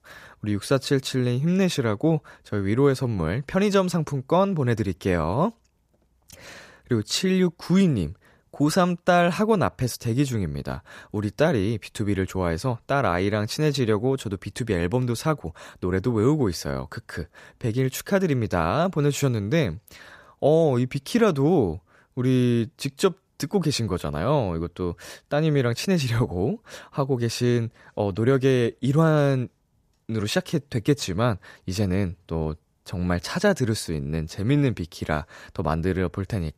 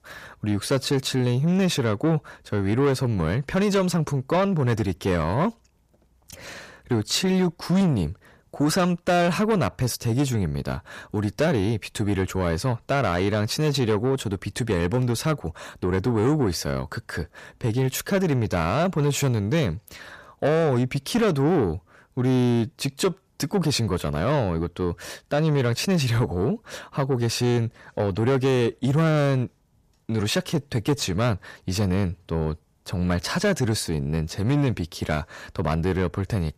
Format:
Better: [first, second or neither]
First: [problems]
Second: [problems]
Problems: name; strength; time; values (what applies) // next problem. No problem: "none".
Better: first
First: none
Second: distortion; slight; 10 dB below the speech